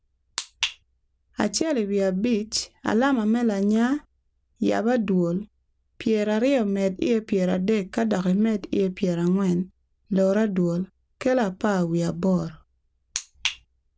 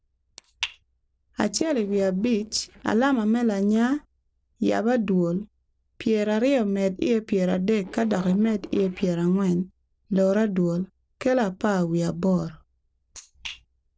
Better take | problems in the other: first | noise reduction (neural separator model SepFormer DNS4)

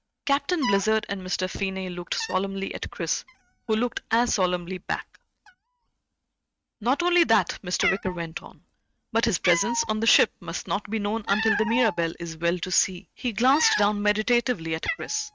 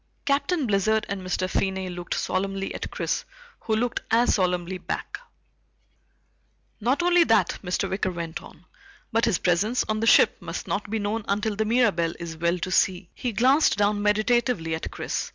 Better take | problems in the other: second | noise reduction (neural mask model RNNoise)

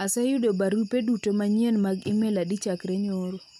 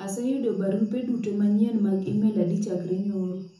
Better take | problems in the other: first | room echo; dies away in 0.6 s

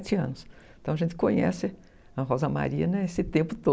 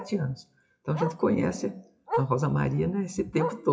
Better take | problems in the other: first | noise reduction (classical method WPE with log-MMSE)

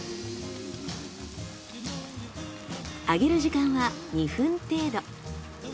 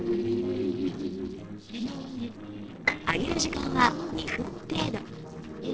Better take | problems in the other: first | noise reduction (neural separator model SepFormer DNS4)

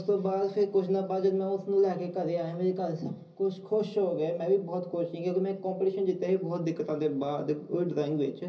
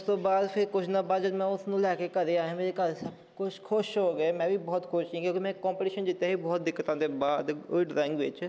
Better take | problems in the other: second | room echo; dies away in 0.5 s

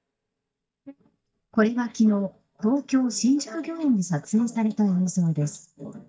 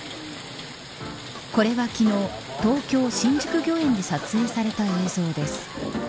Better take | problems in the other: second | noise reduction (neural mask model DeepFilterNet 3)

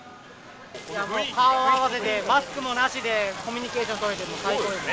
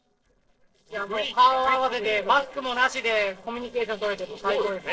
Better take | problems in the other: first | noise reduction (neural separator model SepFormer DNS4)

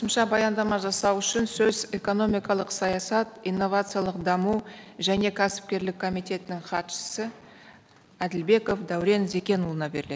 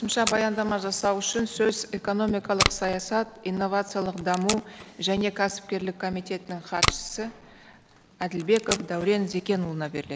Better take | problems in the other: first | background sound (Packing tape, duct tape); 8 dB below the speech

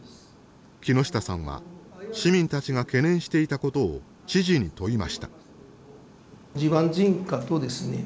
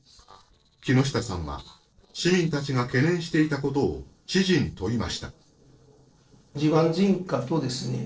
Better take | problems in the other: first | noise reduction (neural separator model SepFormer DNS4)

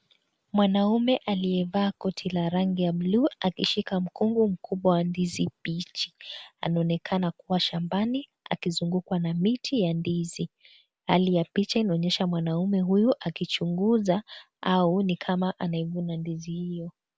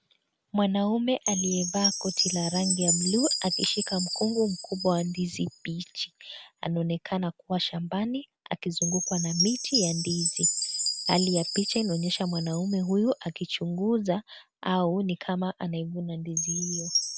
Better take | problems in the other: first | background sound (Chime); 4 dB below the speech

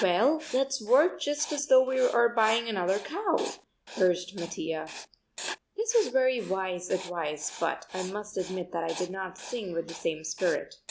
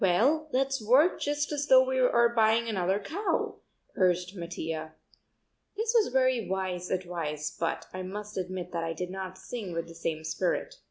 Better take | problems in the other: second | background sound (Writing); 16 dB below the speech

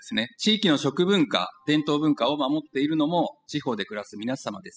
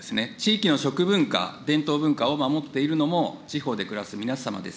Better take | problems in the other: second | noise reduction (classical method spectral subtraction)

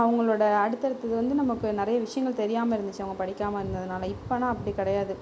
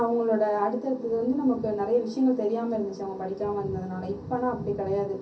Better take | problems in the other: first | room echo; dies away in 0.3 s

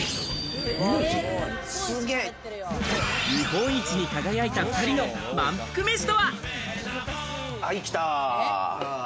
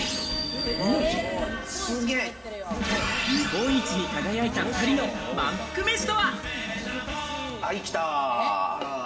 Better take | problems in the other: first | background sound (Brass instrument); 18 dB below the speech // room echo; dies away in 2.6 s

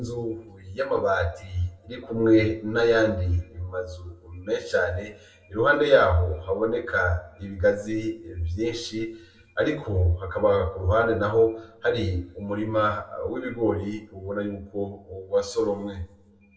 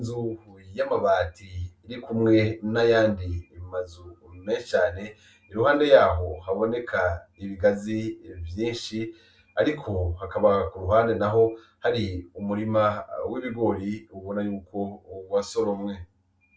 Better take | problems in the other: second | room echo; dies away in 0.7 s

